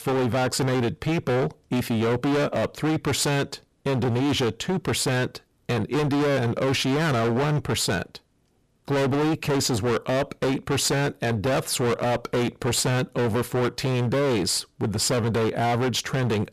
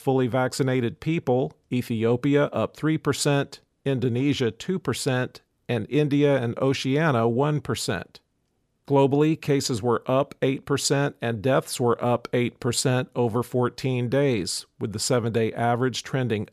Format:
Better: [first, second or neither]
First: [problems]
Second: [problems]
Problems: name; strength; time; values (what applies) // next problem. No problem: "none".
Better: second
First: distortion; heavy; 31% of the sound clipped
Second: none